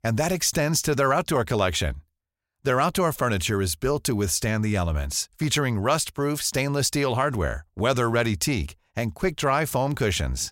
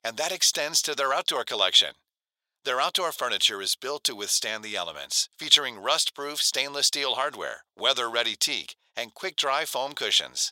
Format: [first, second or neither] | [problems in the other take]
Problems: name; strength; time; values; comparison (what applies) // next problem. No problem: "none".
first | thin; very; fading below 600 Hz